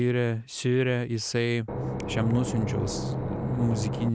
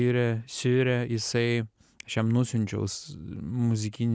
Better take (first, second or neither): second